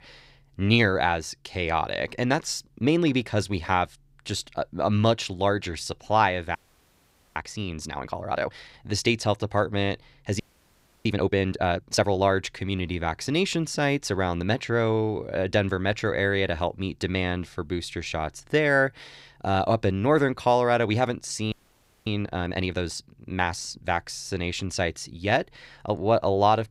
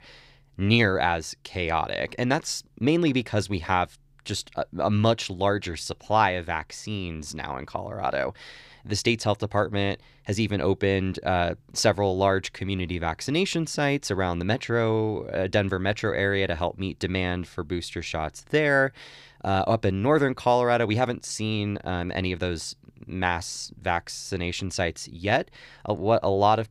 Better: second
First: audio freezing; at 6.5 s for 1 s, at 10 s for 0.5 s and at 22 s for 0.5 s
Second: none

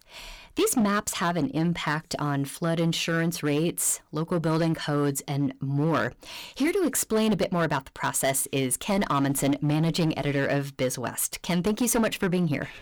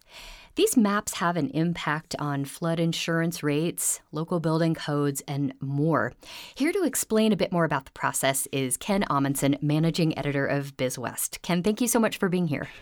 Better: second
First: distortion; slight; 9% of the sound clipped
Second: none

